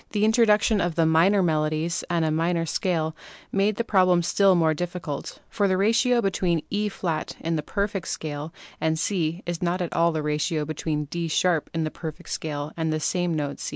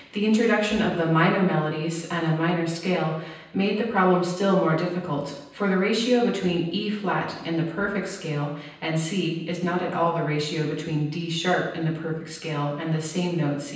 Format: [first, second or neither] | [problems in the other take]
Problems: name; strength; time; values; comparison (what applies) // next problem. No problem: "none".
first | room echo; dies away in 0.9 s